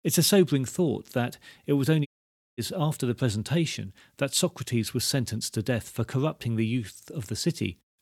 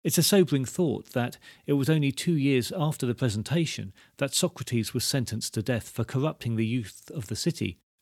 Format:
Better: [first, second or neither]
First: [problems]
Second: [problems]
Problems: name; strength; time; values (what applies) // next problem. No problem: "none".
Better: second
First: audio cutting out; at 2 s for 0.5 s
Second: none